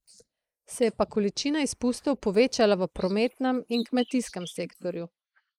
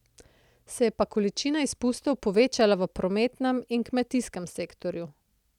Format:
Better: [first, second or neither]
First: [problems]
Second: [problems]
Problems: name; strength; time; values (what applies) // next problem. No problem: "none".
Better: second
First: noise reduction (neural mask model Resemble Enhance denoiser)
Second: none